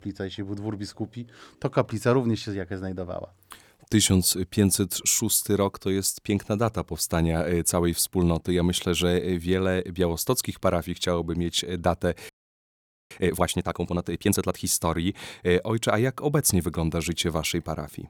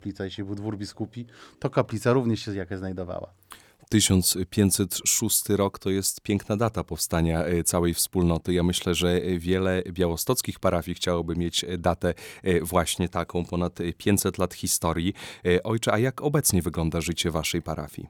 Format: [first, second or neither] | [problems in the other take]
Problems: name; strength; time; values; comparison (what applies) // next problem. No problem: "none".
second | audio freezing; at 12 s for 1 s